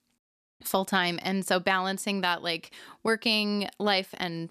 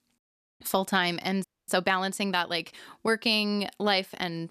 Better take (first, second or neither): first